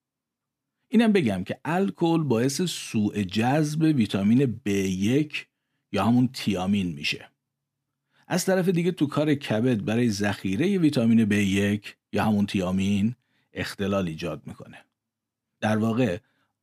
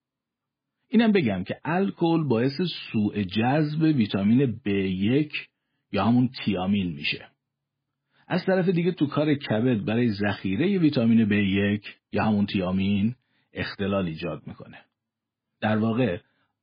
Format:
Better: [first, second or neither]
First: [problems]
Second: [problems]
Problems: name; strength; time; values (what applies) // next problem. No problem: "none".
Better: first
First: none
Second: garbled, watery; badly